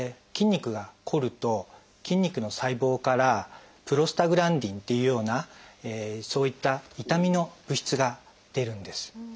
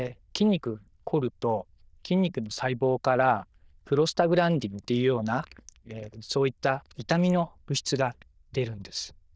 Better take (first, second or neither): first